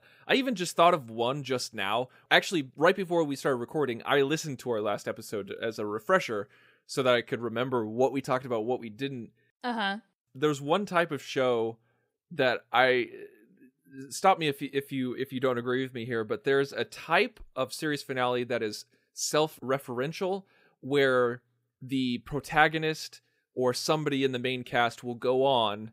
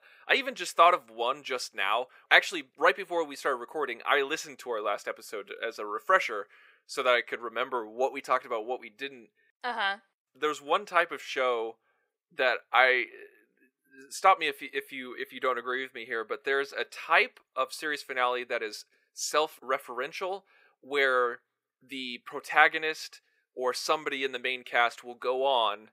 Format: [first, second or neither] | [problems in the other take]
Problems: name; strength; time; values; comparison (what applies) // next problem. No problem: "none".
first | thin; very; fading below 550 Hz